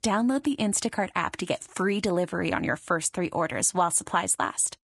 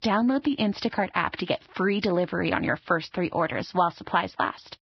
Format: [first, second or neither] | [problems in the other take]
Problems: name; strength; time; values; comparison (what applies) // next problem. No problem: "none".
first | garbled, watery; badly; nothing above 5.5 kHz; slightly in the first